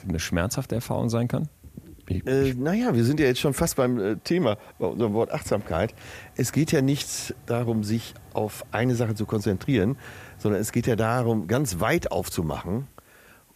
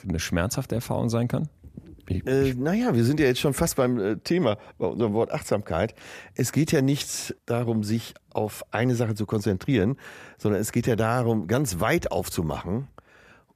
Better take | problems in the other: second | hiss; faint; throughout; 25 dB below the speech

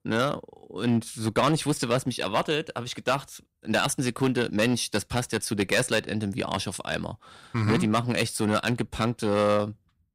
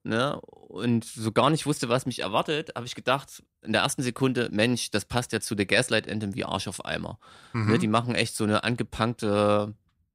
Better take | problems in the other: second | distortion; slight; 3% of the sound clipped

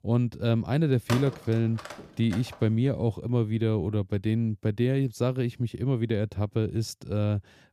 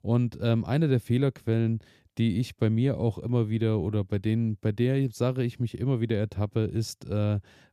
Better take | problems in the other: second | phone ringing; noticeable; from 1 to 2.5 s; peak 7 dB below the speech

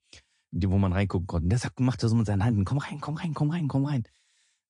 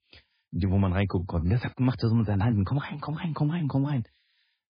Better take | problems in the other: first | garbled, watery; badly; nothing above 5 kHz; slightly in the first

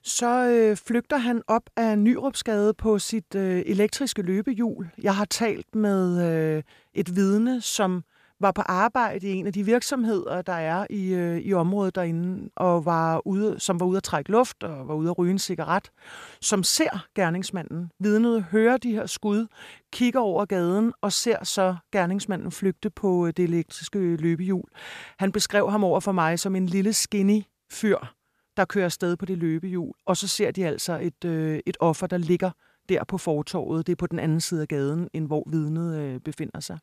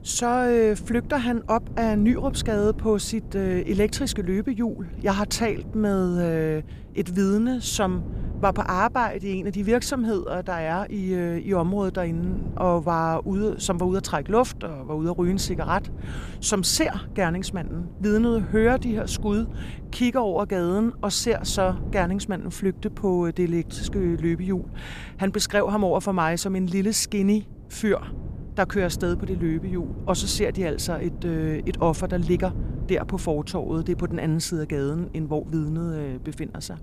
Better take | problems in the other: first | wind noise on the microphone; occasional gusts; 20 dB below the speech

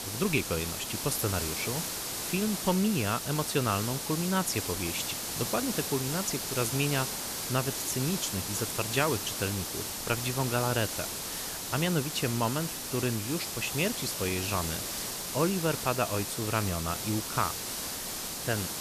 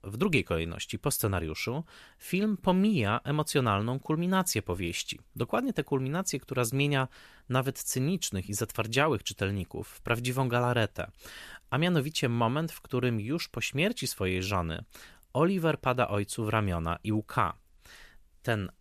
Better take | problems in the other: second | hiss; loud; throughout; 2 dB below the speech

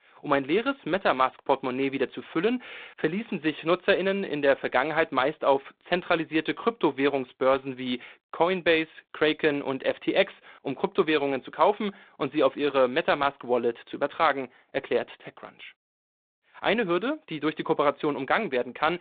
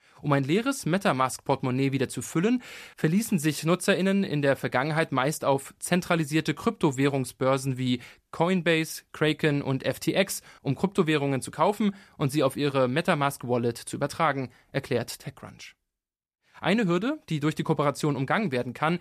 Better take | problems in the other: second | phone-call audio; nothing above 4 kHz

